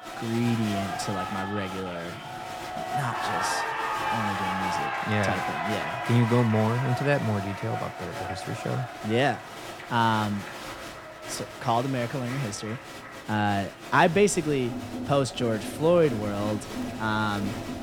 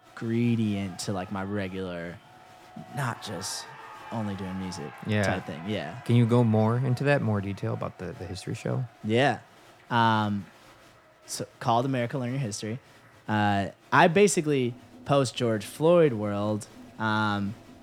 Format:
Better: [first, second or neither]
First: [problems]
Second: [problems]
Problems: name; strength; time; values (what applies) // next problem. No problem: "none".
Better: second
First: crowd noise; loud; throughout; 6 dB below the speech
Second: crowd noise; faint; throughout; 20 dB below the speech